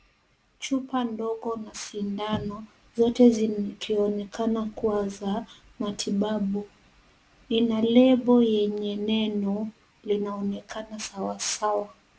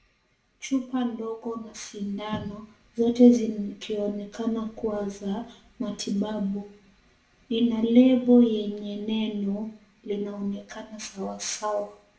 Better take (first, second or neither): first